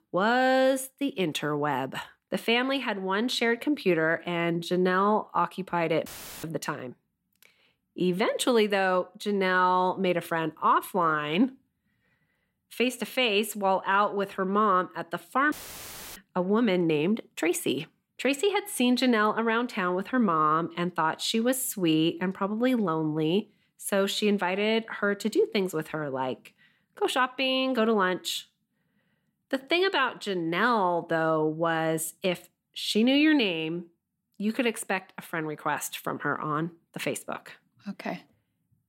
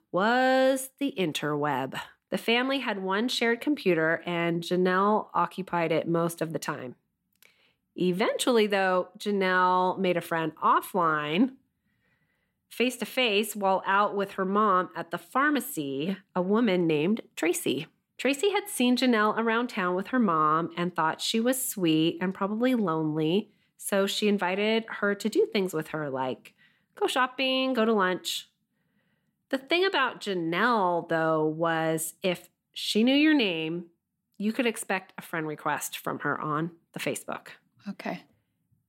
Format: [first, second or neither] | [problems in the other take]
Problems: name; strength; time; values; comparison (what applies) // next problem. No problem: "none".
second | audio cutting out; filled with static; at 6 s and at 16 s for 0.5 s